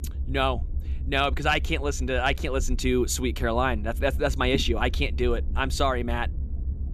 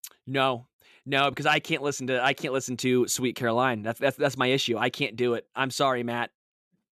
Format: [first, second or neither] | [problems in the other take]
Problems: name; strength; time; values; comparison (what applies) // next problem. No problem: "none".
second | low rumble; faint; throughout; 20 dB below the speech